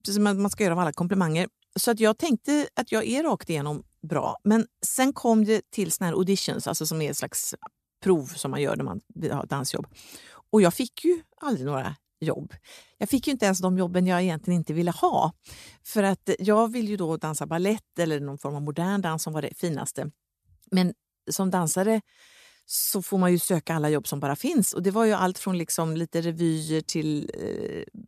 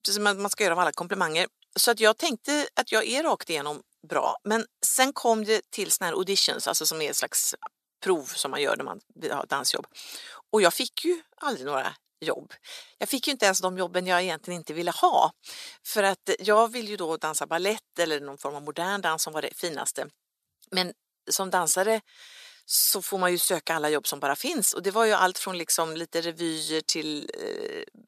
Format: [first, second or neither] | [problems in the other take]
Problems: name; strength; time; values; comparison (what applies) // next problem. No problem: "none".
first | thin; somewhat; fading below 500 Hz